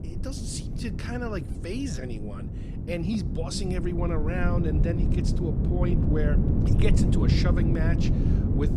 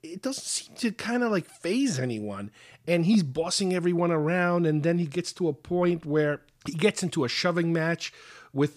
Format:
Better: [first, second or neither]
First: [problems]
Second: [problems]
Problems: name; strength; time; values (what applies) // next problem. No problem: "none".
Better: second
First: wind noise on the microphone; heavy; 2 dB below the speech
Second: none